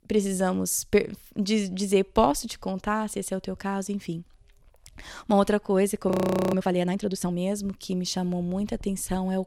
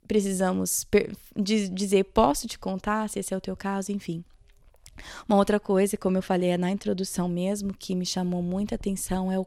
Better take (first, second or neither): second